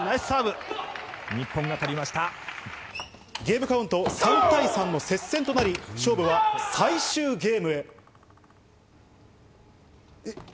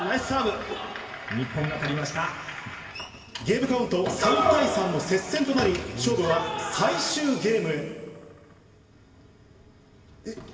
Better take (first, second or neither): first